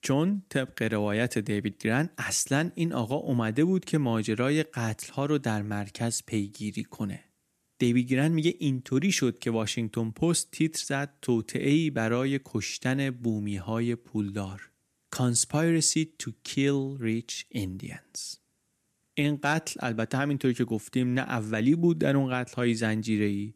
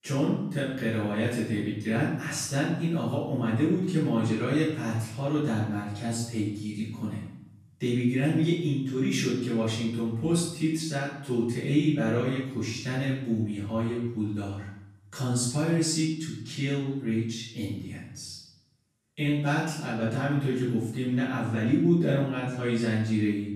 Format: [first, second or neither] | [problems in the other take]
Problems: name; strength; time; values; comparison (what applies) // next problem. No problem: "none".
first | off-mic speech; far // room echo; noticeable; dies away in 0.8 s